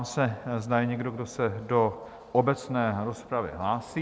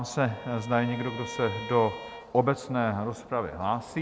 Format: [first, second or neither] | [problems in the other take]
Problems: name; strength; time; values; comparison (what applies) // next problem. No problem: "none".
first | background sound (Bowed string instrument); 14 dB below the speech